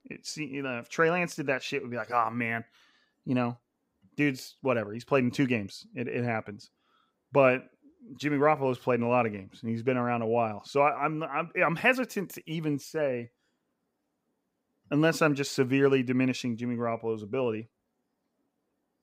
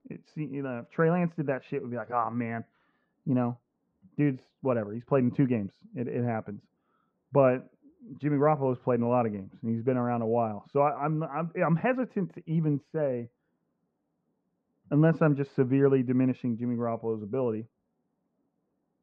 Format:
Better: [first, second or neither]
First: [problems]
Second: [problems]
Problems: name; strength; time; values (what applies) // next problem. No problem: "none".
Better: first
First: none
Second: muffled; very; fading above 1 kHz